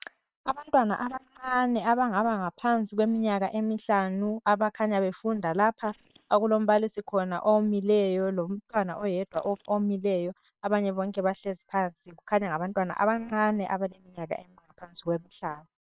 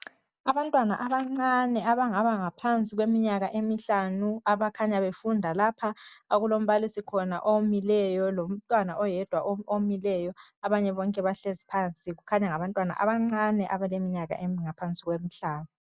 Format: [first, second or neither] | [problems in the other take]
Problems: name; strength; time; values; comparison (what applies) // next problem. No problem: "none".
second | noise reduction (neural separator model SepFormer WHAM!)